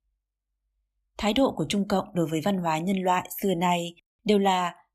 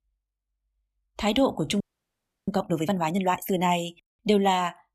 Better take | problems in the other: first | audio freezing; at 2 s for 0.5 s

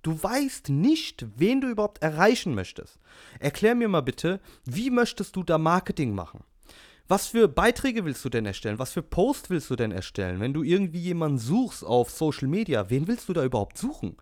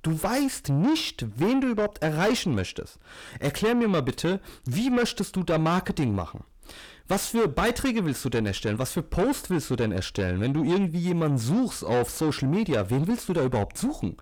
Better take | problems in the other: first | distortion; heavy; 7 dB below the speech

